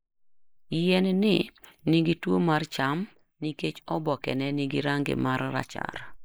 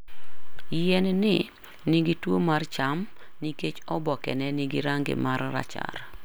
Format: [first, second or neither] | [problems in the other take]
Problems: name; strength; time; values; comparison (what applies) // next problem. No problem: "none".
second | noise reduction (neural mask model Resemble Enhance denoiser)